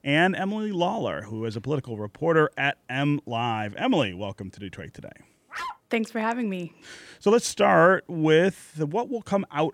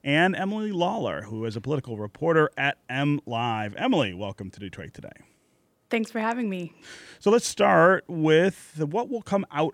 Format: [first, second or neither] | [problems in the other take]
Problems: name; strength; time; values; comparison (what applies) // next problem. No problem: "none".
second | dog barking; faint; at 5.5 s; peak 10 dB below the speech